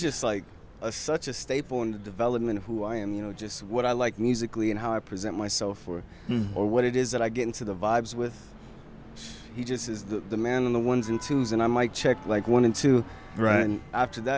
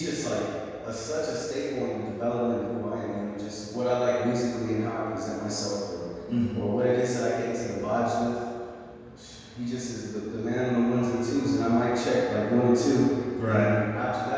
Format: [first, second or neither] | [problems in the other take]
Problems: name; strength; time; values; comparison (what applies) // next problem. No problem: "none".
first | room echo; dies away in 1.9 s